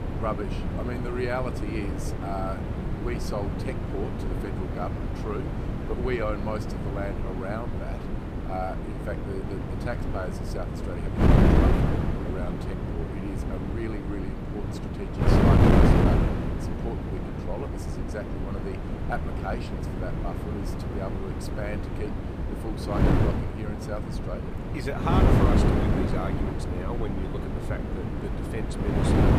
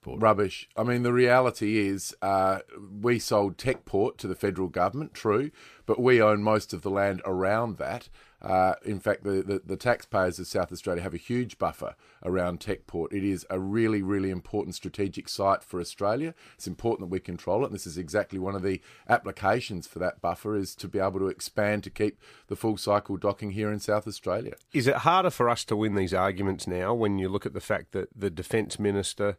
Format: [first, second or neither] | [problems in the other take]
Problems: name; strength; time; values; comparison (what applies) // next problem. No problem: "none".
second | wind noise on the microphone; heavy; 3 dB above the speech